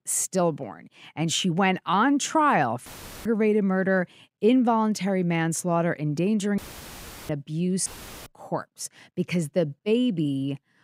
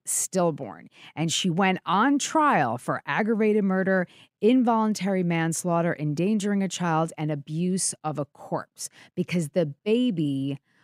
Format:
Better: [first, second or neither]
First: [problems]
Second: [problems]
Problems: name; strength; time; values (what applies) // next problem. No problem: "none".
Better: second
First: audio cutting out; filled with static; at 3 s, at 6.5 s for 0.5 s and at 8 s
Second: none